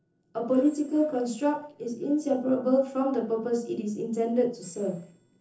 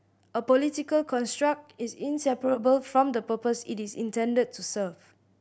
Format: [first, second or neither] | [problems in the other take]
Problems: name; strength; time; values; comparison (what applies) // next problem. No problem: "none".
second | noise reduction (neural separator model SepFormer DNS4)